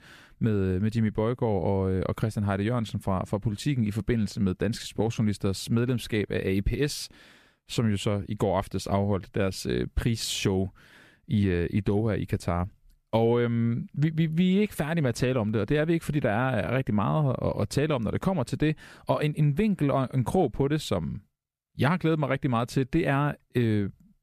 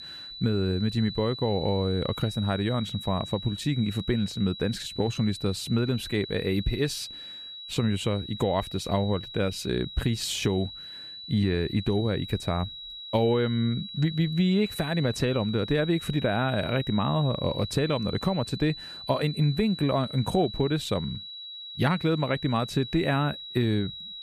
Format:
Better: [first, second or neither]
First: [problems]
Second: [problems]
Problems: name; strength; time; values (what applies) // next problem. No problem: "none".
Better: first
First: none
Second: high-pitched whine; noticeable; throughout; 4 kHz, 10 dB below the speech